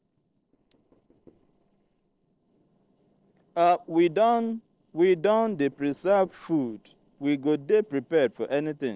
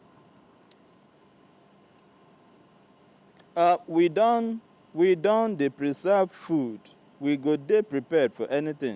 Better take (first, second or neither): second